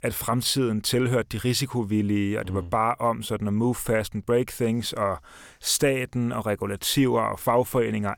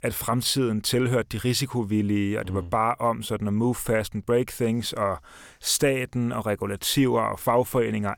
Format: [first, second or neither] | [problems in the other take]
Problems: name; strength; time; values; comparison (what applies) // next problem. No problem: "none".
neither | none